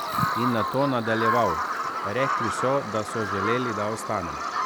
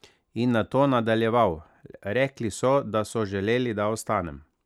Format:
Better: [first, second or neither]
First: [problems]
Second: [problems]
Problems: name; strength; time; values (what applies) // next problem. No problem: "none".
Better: second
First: background sound (Bird vocalization, bird call, bird song); as loud as the speech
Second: none